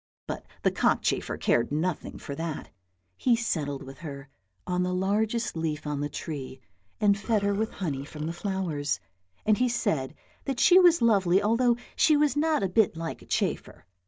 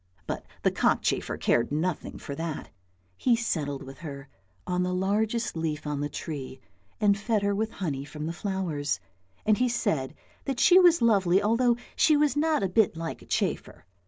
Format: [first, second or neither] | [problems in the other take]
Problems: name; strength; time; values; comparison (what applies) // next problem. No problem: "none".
second | noise reduction (neural mask model DeepFilterNet 3)